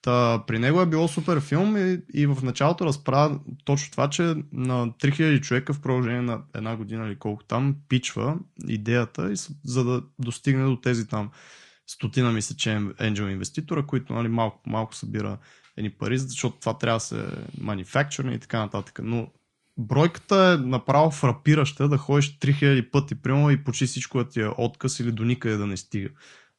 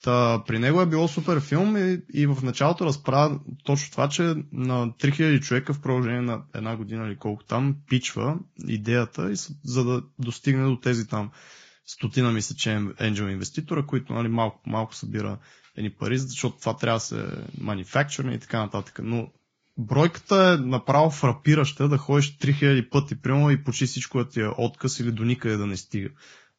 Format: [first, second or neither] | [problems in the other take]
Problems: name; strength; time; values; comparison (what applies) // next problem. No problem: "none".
first | garbled, watery; badly; nothing above 7.5 kHz; slightly in the first